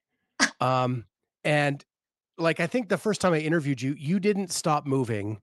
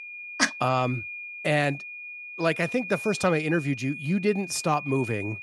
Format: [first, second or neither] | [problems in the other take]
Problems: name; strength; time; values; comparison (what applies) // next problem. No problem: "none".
first | high-pitched whine; loud; throughout; 2.5 kHz, 9 dB below the speech